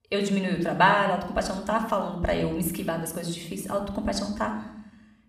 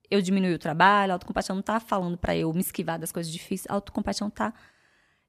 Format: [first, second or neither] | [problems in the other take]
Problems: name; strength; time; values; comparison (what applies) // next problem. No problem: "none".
second | room echo; slight; dies away in 0.7 s // off-mic speech; somewhat distant